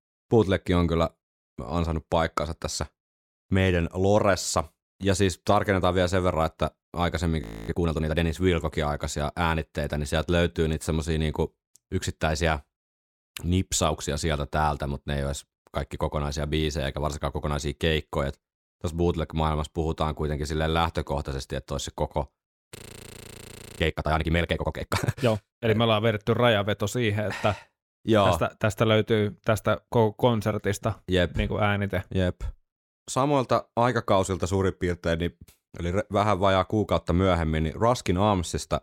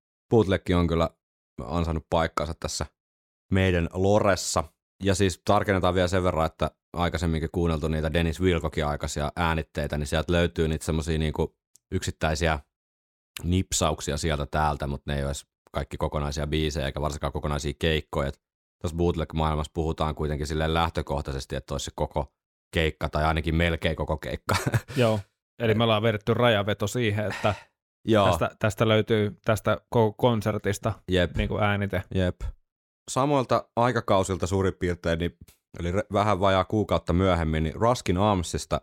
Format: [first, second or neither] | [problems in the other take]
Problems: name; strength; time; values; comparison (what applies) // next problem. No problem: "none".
second | audio freezing; at 7.5 s and at 23 s for 1 s